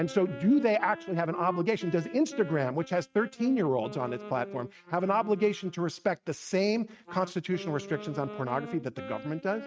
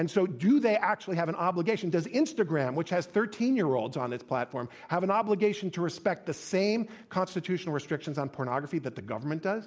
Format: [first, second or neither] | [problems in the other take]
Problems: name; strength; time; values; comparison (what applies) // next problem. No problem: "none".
second | noise reduction (neural mask model RNNoise)